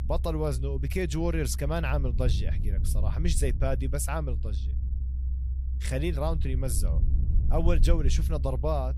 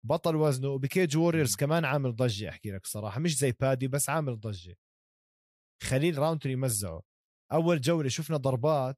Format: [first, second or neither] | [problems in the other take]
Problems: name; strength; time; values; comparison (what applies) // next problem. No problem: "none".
second | low rumble; noticeable; throughout; 15 dB below the speech